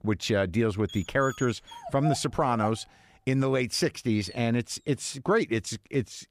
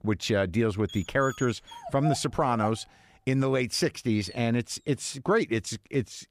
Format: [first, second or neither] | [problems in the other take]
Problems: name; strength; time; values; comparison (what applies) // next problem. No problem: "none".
neither | dog barking; noticeable; from 1 to 4.5 s; peak 7 dB below the speech; the same in both